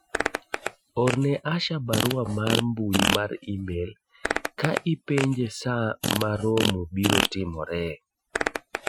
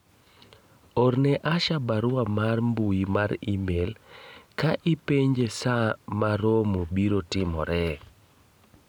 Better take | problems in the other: second | noise reduction (classical method Wiener filter)

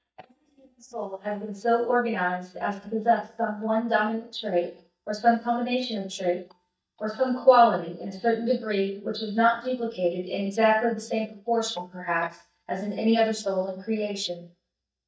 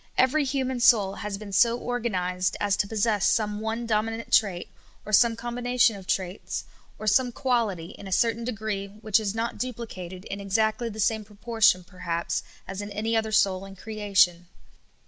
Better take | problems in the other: second | noise reduction (neural mask model DeepFilterNet 3)

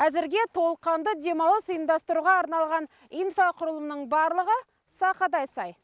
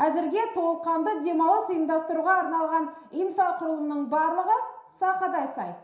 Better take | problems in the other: first | room echo; dies away in 0.7 s

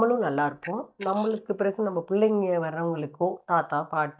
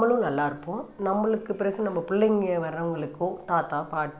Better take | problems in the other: second | noise reduction (neural mask model DeepFilterNet 3)

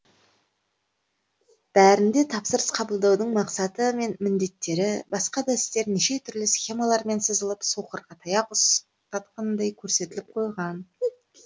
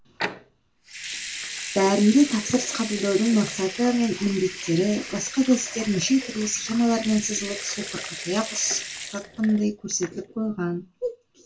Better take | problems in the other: first | background sound (Sink (filling or washing) / Water tap, faucet / Liquid); 11 dB below the speech // room echo; dies away in 0.2 s

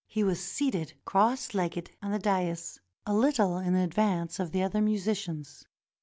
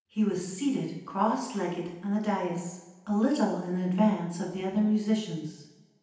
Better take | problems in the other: first | room echo; dies away in 0.9 s

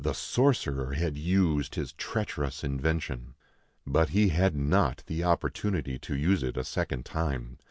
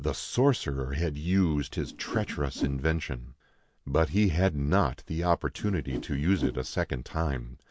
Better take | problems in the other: first | background sound (Whoosh, swoosh, swish); 10 dB below the speech

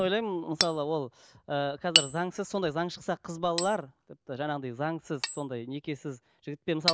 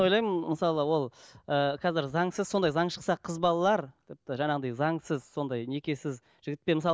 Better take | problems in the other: second | background sound (Hammer); 3 dB below the speech

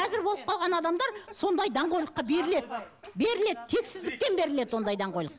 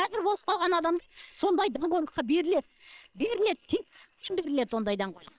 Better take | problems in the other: first | noise reduction (neural separator model SepFormer WHAM!)

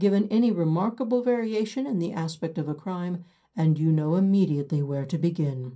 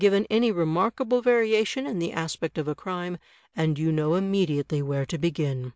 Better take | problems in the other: second | room echo; dies away in 0.3 s

